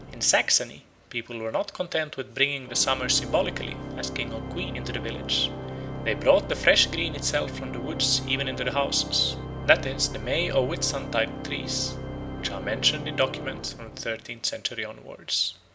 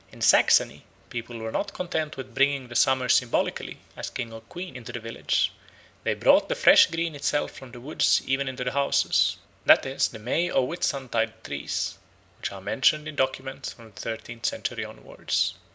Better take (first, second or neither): second